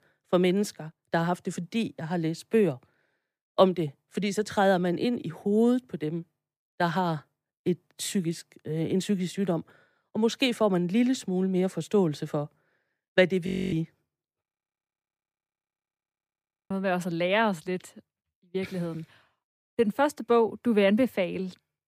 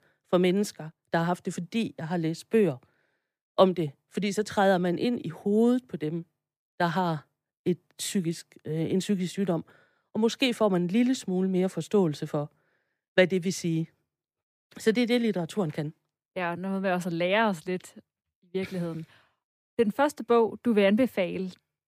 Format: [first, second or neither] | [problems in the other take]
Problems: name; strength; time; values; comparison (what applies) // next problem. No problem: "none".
second | audio freezing; at 13 s and at 14 s for 2.5 s